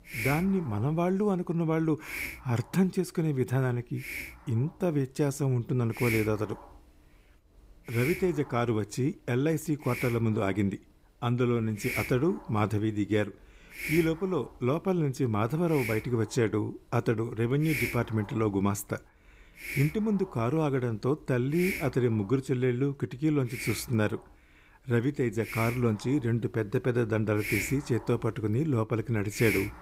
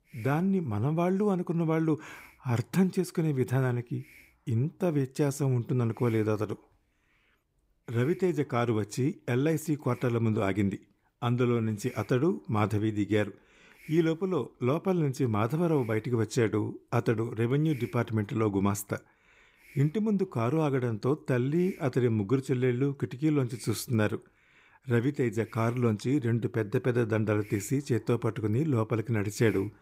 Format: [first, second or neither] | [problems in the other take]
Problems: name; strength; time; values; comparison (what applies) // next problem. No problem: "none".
second | hiss; loud; throughout; 8 dB below the speech; faint in the second